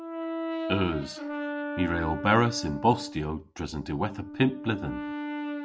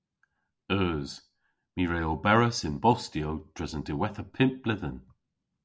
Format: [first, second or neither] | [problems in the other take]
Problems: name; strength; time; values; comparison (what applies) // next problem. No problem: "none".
second | background sound (Brass instrument); 6 dB below the speech